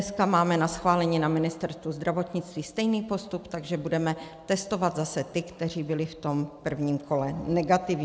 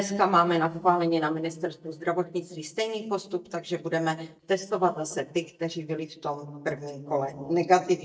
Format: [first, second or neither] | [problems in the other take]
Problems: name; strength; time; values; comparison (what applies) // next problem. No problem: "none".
first | noise reduction (neural mask model DeepFilterNet 3)